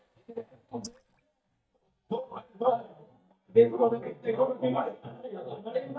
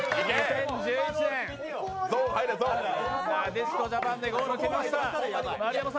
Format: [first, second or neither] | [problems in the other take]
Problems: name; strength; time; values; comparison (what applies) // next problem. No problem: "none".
second | noise reduction (neural mask model DeepFilterNet 3)